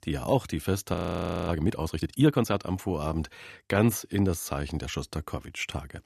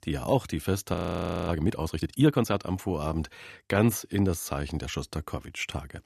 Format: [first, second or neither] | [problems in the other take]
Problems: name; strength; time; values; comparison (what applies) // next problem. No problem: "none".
neither | audio freezing; at 1 s for 0.5 s; the same in both